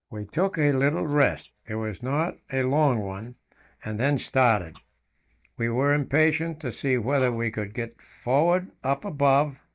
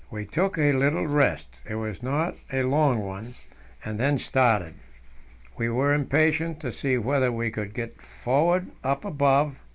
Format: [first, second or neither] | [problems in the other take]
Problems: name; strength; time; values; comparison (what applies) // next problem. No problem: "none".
second | noise reduction (neural mask model DeepFilterNet 3)